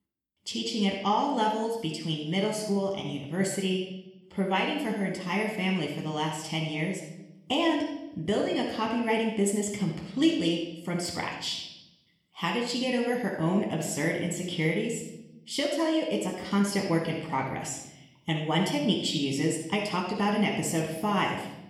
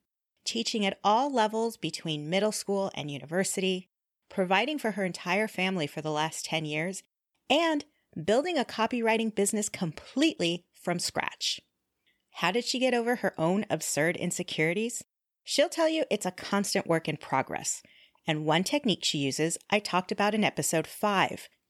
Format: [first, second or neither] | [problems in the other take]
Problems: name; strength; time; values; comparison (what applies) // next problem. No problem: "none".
second | off-mic speech; somewhat distant // room echo; noticeable; dies away in 0.9 s